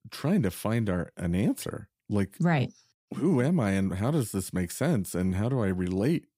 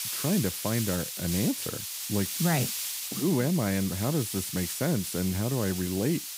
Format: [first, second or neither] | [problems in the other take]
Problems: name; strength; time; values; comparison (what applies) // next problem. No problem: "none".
first | hiss; loud; throughout; 3 dB below the speech